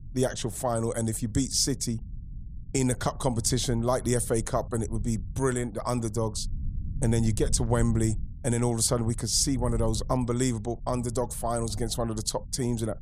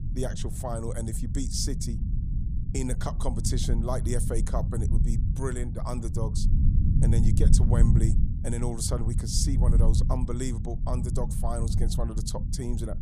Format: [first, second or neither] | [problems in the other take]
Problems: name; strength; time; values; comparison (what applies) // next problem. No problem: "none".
first | low rumble; loud; throughout; 6 dB below the speech; faint in the first